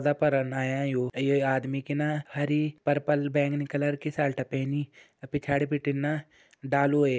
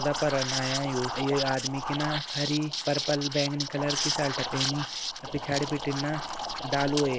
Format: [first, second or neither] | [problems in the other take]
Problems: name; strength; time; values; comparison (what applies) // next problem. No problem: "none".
first | background sound (Liquid); 3 dB below the speech